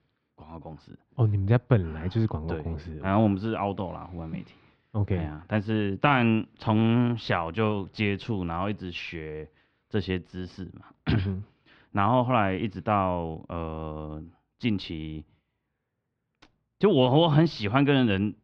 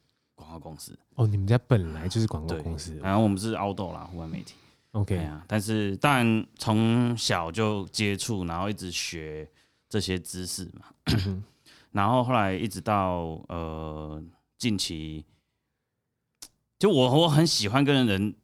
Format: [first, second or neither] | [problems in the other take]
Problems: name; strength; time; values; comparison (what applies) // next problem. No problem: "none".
second | muffled; very; fading above 3 kHz